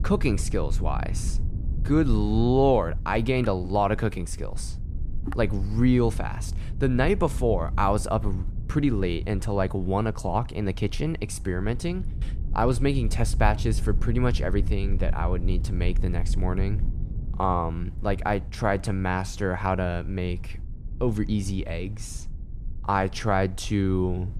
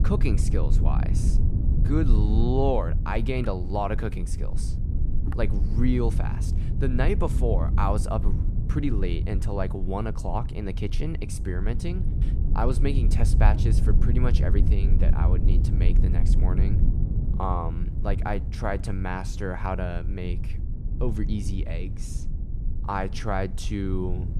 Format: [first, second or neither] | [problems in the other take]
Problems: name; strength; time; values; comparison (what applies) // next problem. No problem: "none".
first | low rumble; loud; throughout; 9 dB below the speech; faint in the first